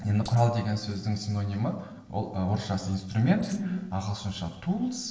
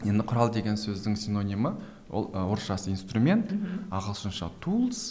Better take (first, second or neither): second